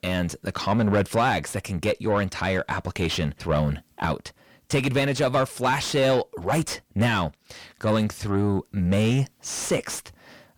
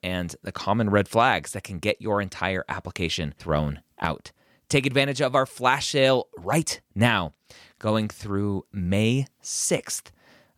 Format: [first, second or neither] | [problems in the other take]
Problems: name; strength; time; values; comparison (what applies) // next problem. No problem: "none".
second | distortion; heavy; 7 dB below the speech